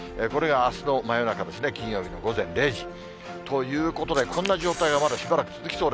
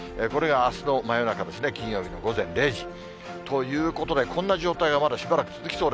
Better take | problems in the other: second | background sound (Camera); 11 dB below the speech

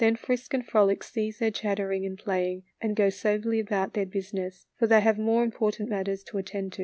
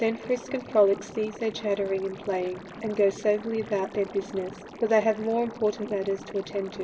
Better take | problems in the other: first | background sound (Liquid); 15 dB below the speech // room echo; dies away in 1.8 s

